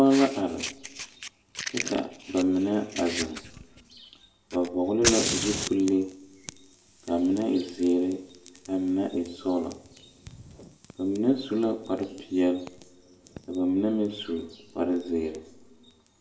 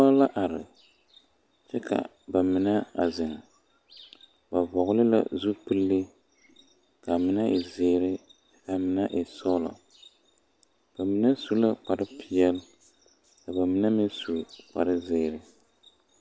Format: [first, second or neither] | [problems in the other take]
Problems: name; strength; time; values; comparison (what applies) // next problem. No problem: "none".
second | background sound (Fire); 10 dB below the speech // room echo; dies away in 0.6 s